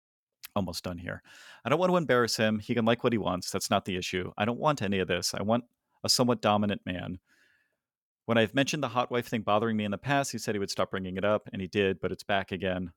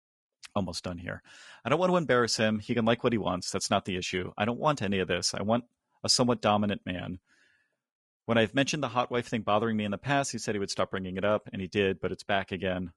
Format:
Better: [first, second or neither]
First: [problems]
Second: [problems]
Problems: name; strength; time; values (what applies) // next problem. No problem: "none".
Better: first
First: none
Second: garbled, watery; slightly; nothing above 10.5 kHz